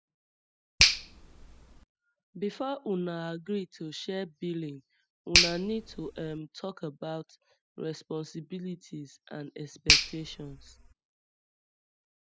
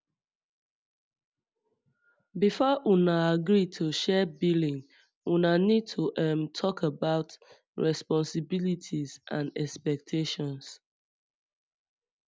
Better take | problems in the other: second | noise reduction (classical method spectral subtraction)

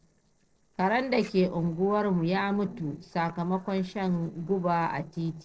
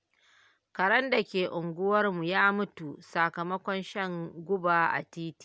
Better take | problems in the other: second | noise reduction (neural separator model SepFormer DNS4)

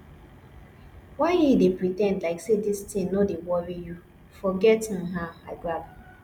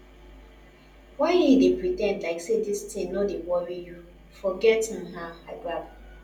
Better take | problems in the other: first | room echo; dies away in 0.2 s

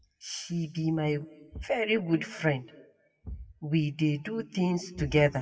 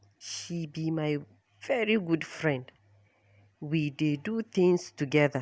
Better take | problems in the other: second | noise reduction (classical method WPE with log-MMSE)

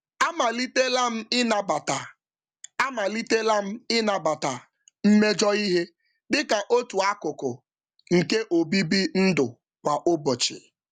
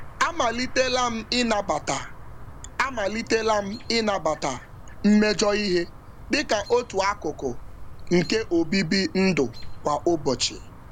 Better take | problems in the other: first | background sound (Chirp, tweet); 12 dB below the speech

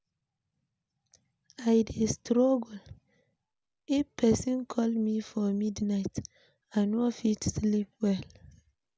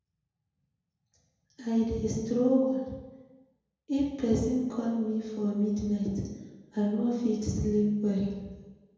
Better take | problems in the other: first | room echo; dies away in 1.2 s

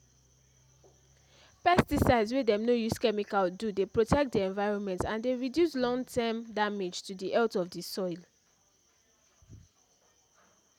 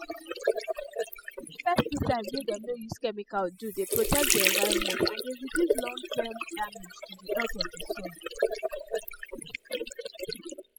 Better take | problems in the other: first | noise reduction (classical method spectral subtraction)

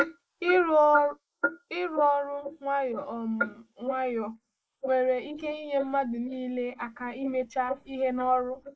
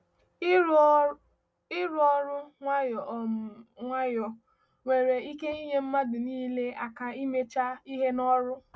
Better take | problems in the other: second | noise reduction (neural mask model Resemble Enhance denoiser)

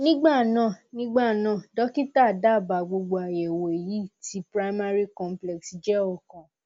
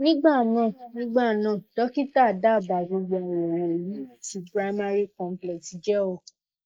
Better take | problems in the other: first | noise reduction (neural mask model Resemble Enhance denoiser)

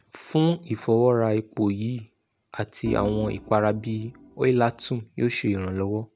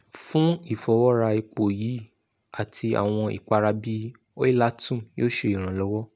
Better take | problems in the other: second | background sound (Organ); 13 dB below the speech

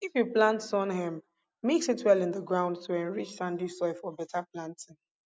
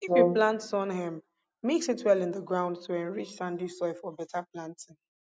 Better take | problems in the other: first | background sound (Brass instrument); 3 dB above the speech

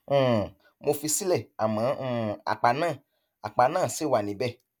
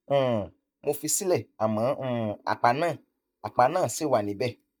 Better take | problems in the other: first | noise reduction (neural mask model DeepFilterNet 3)

